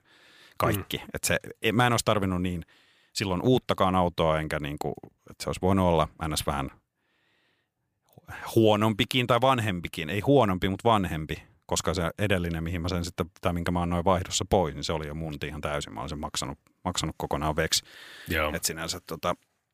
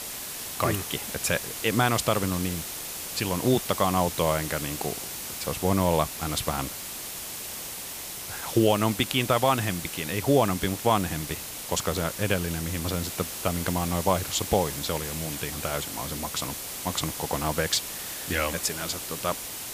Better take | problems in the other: first | hiss; loud; throughout; 6 dB below the speech

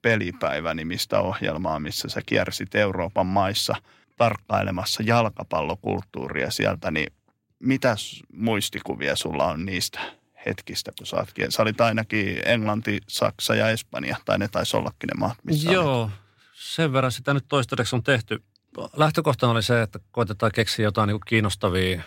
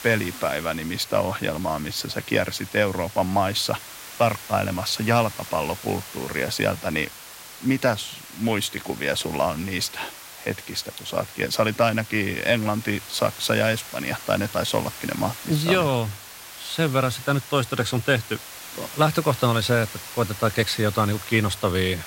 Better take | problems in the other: first | hiss; noticeable; throughout; 15 dB below the speech

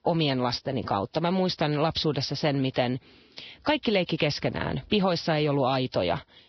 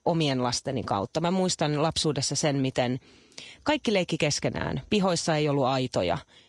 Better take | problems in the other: second | garbled, watery; badly; nothing above 5.5 kHz; slightly in the second

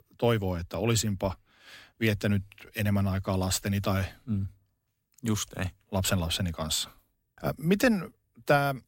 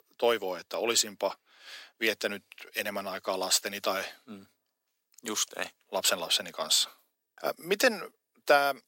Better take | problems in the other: first | thin; very; fading below 400 Hz

